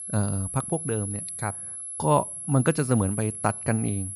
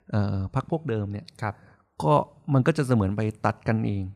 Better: second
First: high-pitched whine; loud; throughout; 11 kHz, 6 dB below the speech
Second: none

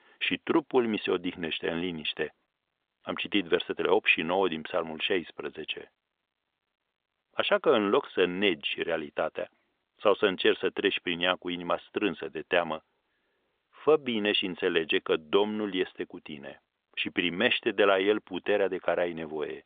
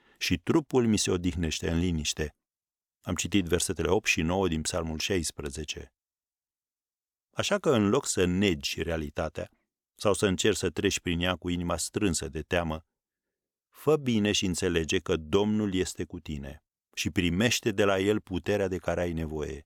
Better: second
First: phone-call audio; nothing above 3.5 kHz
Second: none

